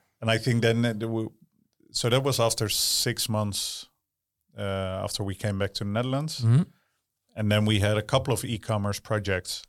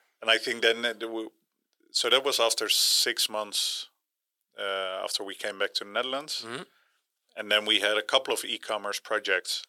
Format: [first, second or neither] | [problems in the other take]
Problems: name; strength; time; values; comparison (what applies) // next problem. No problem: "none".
first | thin; very; fading below 350 Hz